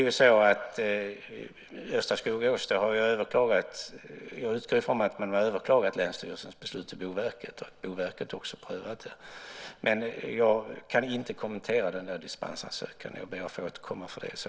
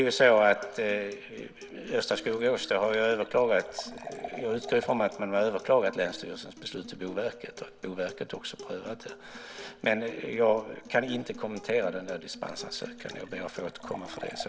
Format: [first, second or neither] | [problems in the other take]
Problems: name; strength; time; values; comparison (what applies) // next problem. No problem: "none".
first | background sound (Acoustic guitar + Liquid); 16 dB below the speech